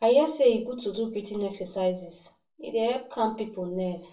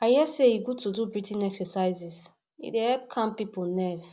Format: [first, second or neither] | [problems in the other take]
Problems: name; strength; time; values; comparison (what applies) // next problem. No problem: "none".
second | room echo; dies away in 0.3 s